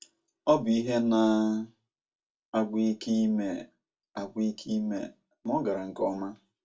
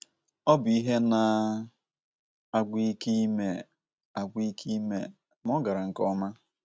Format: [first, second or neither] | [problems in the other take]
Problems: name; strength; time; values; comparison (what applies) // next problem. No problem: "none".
second | room echo; dies away in 0.2 s